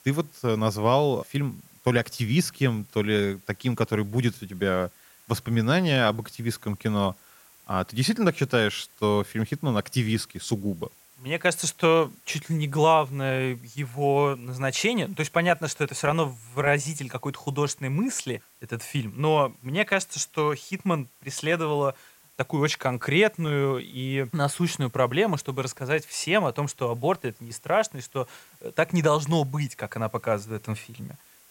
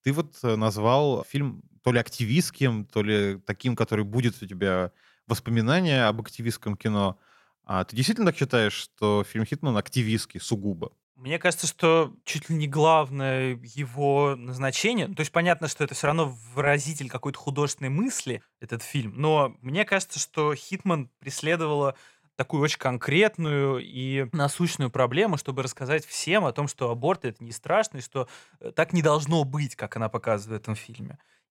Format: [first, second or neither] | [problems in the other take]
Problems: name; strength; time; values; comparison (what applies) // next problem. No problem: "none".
second | hiss; faint; throughout; 25 dB below the speech